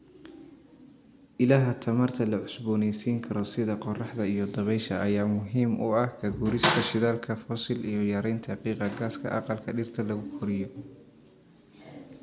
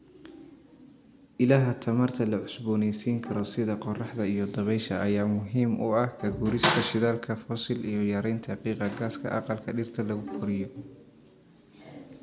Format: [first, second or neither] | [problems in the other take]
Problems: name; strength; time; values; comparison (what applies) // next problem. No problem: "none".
first | background sound (Bowed string instrument); 16 dB below the speech